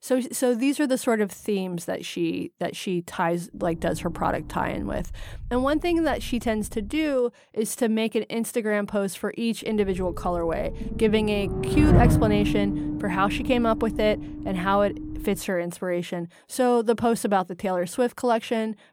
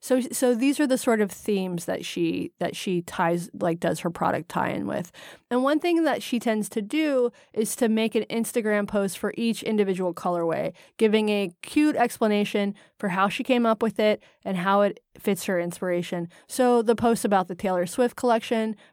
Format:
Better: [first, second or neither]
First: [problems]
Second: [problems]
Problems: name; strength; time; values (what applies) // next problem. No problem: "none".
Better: second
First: low rumble; loud; from 3.5 to 7 s and from 10 to 15 s; 7 dB below the speech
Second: none